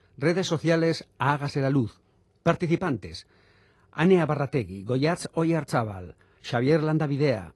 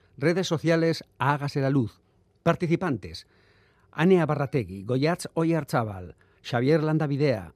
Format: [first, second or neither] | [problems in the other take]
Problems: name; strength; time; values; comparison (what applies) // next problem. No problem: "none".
second | garbled, watery; slightly; nothing above 11.5 kHz